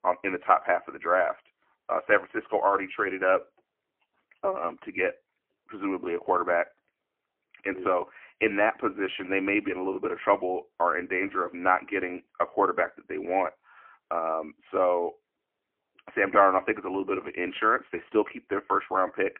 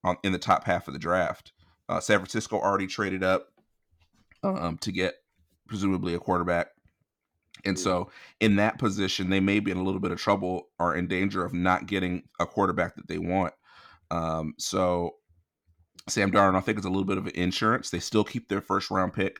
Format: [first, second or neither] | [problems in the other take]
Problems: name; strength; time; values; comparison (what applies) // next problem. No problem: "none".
second | phone-call audio; poor line